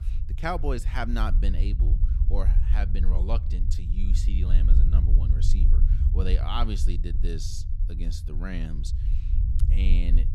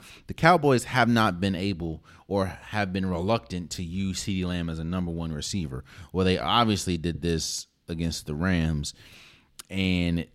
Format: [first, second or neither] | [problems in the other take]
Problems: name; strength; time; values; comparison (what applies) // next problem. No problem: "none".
second | low rumble; loud; throughout; 9 dB below the speech